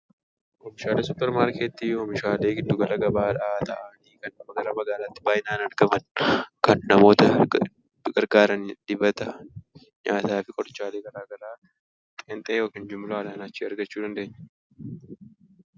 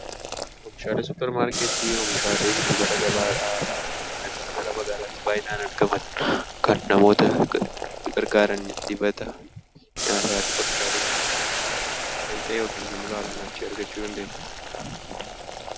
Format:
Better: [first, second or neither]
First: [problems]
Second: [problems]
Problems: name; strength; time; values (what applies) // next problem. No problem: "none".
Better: first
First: none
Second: background sound (Boiling); 3 dB below the speech